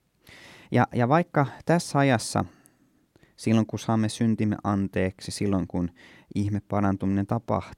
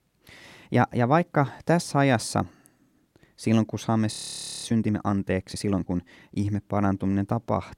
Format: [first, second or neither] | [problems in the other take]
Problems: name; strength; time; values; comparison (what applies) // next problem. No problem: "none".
first | audio freezing; at 4 s for 0.5 s